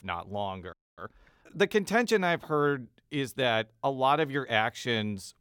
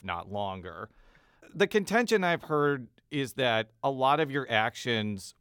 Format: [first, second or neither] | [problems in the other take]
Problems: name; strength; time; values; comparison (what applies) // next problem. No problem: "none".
second | audio freezing; at 0.5 s